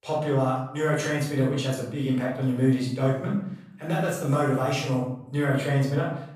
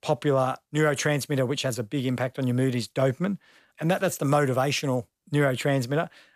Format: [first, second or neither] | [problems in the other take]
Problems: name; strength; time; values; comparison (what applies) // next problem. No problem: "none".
second | off-mic speech; far // room echo; noticeable; dies away in 0.7 s